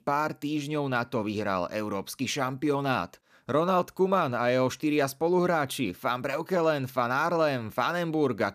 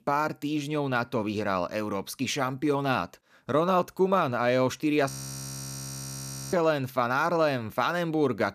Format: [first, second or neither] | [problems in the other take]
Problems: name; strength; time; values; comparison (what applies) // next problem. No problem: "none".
first | audio freezing; at 5 s for 1.5 s